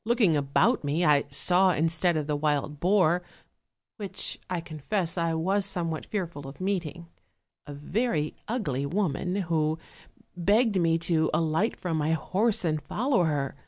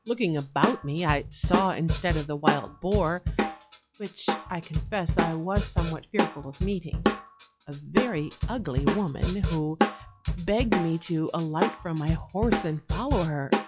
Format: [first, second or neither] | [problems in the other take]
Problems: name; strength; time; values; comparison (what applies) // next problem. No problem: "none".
first | noise reduction (classical method log-MMSE)